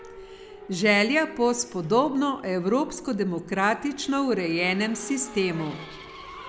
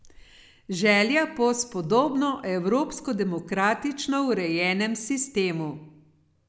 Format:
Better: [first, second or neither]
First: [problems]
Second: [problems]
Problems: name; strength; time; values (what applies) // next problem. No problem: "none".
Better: second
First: background sound (Race car, auto racing / Accelerating, revving, vroom); 17 dB below the speech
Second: none